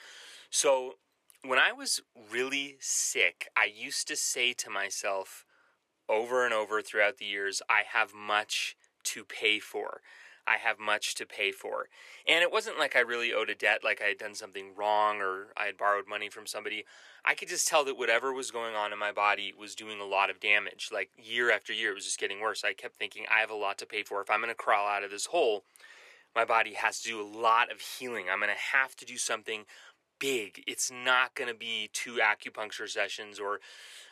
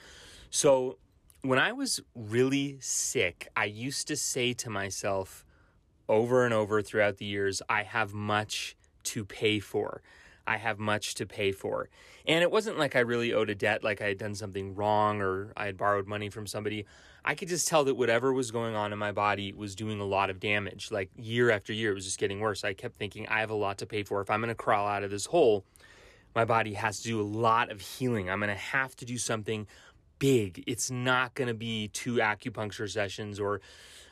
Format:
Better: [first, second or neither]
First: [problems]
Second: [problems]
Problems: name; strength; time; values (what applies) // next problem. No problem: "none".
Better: second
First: thin; very; fading below 550 Hz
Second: none